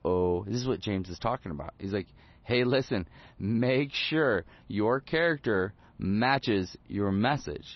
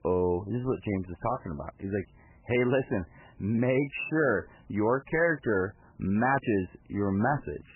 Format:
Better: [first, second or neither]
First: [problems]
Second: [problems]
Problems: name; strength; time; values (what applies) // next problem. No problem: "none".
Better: first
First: garbled, watery; slightly; nothing above 6 kHz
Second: garbled, watery; badly; nothing above 3 kHz